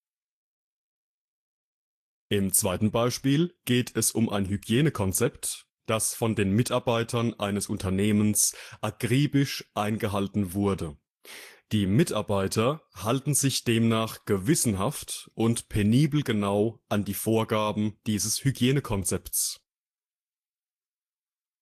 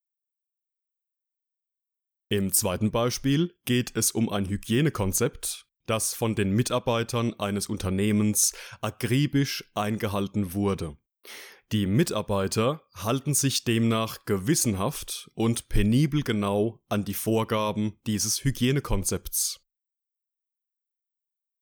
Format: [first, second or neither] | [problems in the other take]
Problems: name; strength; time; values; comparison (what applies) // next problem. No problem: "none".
second | garbled, watery; slightly; nothing above 13 kHz